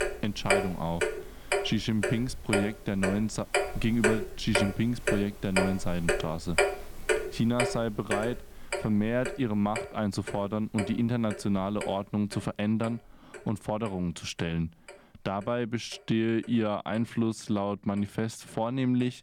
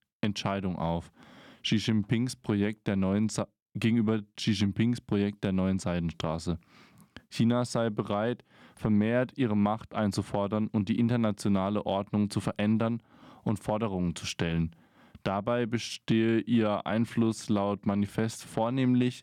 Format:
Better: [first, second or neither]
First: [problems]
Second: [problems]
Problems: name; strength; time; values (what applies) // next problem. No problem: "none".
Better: second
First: household noises; loud; throughout; 2 dB below the speech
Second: none